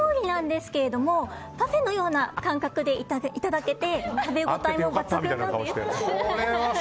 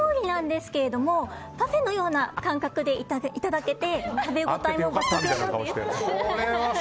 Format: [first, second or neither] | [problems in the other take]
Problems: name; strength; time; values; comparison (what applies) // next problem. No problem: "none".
first | background sound (Cupboard open or close); 3 dB below the speech